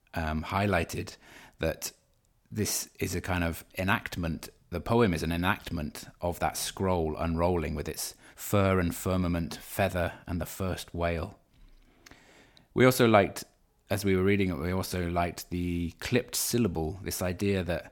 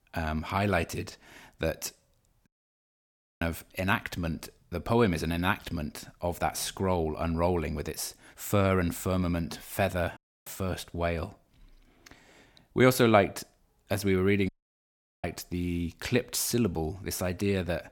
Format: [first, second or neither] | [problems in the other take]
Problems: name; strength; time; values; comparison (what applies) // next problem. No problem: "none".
first | audio cutting out; at 2.5 s for 1 s, at 10 s and at 14 s for 1 s